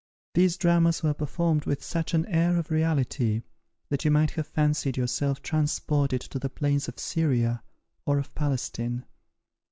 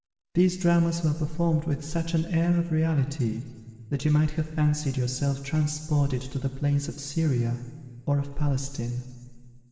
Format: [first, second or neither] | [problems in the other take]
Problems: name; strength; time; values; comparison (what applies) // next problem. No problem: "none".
first | room echo; dies away in 1.7 s